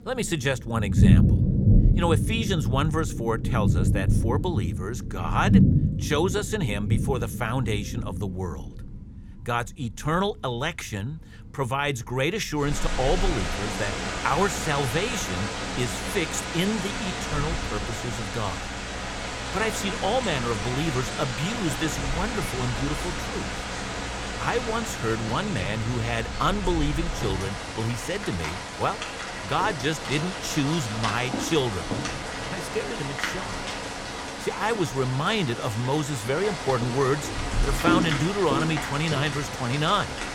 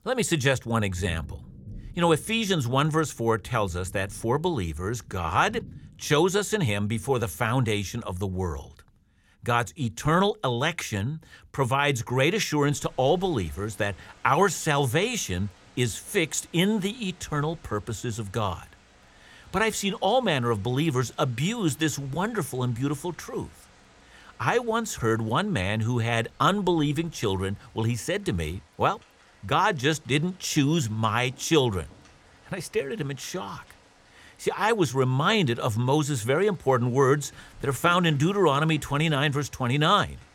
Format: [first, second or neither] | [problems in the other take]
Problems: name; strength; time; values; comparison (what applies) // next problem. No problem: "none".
second | rain or running water; loud; throughout; as loud as the speech; faint in the second